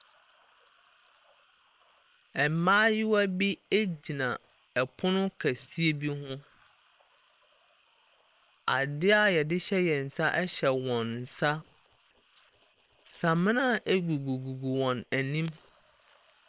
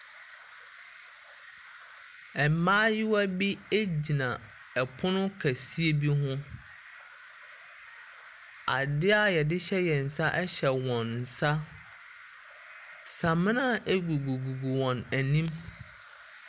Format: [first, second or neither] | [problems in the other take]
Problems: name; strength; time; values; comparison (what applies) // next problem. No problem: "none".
second | noise reduction (neural separator model SepFormer WHAM!)